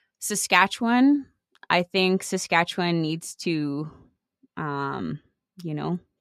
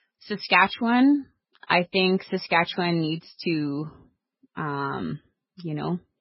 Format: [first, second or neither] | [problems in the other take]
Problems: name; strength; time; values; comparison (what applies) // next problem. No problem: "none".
first | garbled, watery; badly; nothing above 5.5 kHz